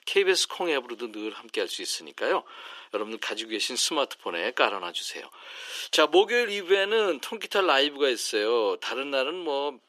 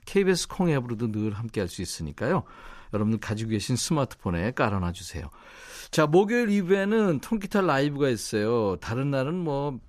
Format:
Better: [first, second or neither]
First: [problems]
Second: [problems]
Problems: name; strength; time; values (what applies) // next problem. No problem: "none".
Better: second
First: thin; very; fading below 350 Hz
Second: none